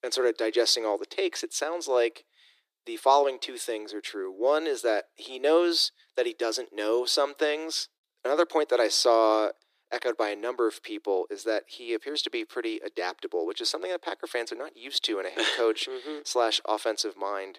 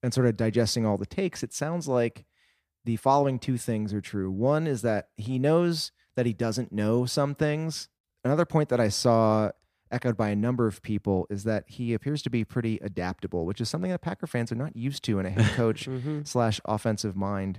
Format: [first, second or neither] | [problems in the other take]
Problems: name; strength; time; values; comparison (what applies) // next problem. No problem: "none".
second | thin; very; fading below 300 Hz